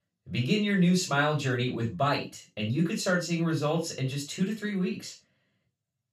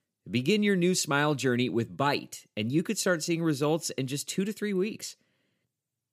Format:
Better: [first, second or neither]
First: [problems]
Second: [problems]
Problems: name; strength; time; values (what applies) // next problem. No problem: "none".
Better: second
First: room echo; slight; dies away in 0.2 s // off-mic speech; far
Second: none